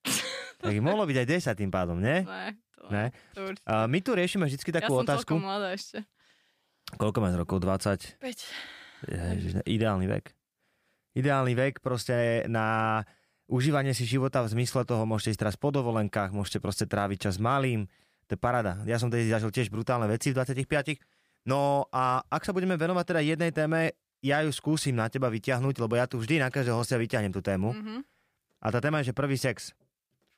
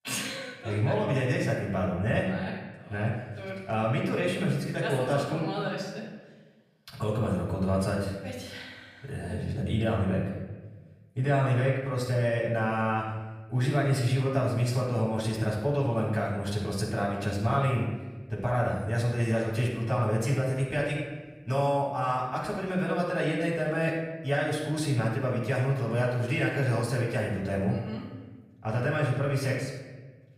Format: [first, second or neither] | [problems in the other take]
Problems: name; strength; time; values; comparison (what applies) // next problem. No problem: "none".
first | off-mic speech; far // room echo; noticeable; dies away in 1.1 s